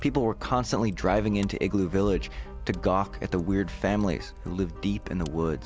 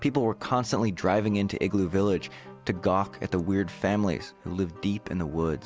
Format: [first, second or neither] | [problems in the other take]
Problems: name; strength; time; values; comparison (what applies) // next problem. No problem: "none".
second | background sound (Fire); 11 dB below the speech